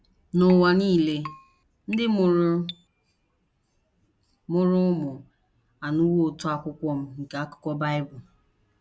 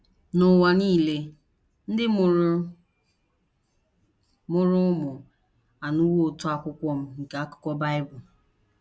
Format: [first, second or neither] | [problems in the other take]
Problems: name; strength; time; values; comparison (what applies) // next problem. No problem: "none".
second | background sound (Keyboard (musical)); 18 dB below the speech